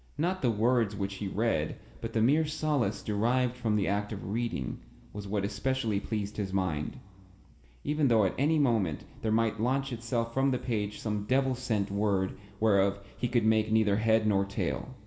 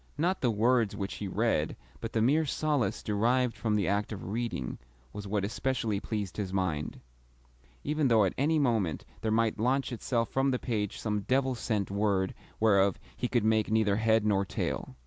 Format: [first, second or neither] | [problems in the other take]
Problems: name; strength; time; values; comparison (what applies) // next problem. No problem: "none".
second | room echo; dies away in 2.8 s